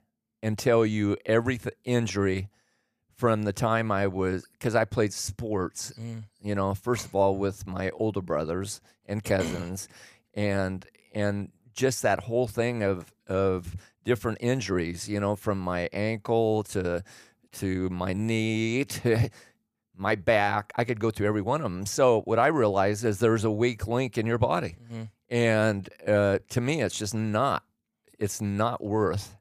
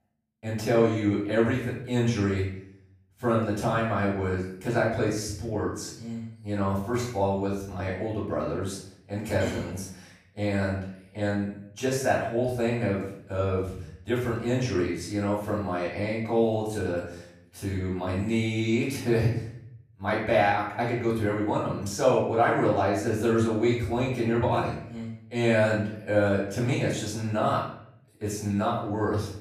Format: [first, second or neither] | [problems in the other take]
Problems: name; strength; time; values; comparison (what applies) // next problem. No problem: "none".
first | room echo; noticeable; dies away in 0.6 s // off-mic speech; far